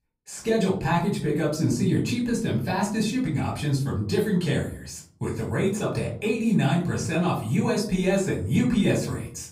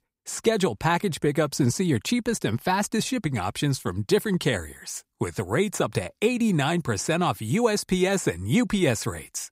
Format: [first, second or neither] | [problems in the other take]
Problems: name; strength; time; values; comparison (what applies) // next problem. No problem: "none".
second | off-mic speech; far // room echo; slight; dies away in 0.6 s